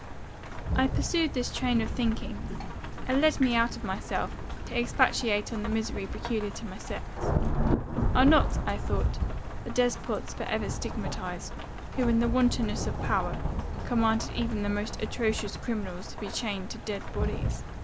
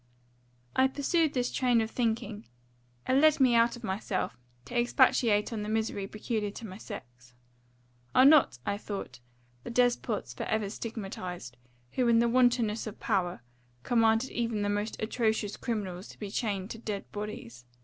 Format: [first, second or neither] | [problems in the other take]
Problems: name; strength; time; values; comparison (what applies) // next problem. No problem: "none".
second | background sound (Rain / Thunderstorm); 1 dB below the speech